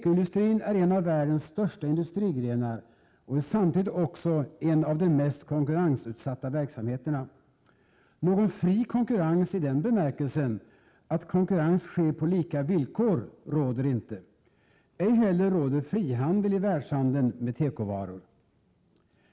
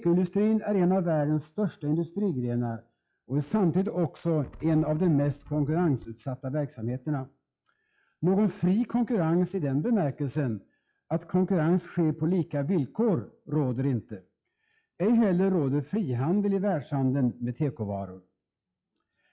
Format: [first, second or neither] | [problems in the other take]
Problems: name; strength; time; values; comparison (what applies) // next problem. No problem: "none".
first | noise reduction (classical method log-MMSE)